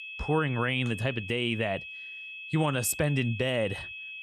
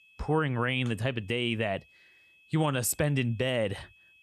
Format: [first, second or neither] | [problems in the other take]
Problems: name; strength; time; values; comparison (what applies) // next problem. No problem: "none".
second | high-pitched whine; loud; throughout; 2.5 kHz, 10 dB below the speech; faint in the second